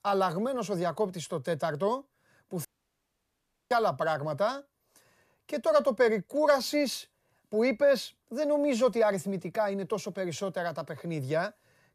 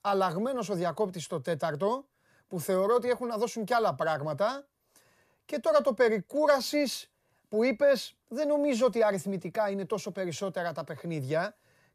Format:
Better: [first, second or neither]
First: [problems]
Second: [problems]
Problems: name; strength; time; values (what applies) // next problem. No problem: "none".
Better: second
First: audio cutting out; at 2.5 s for 1 s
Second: none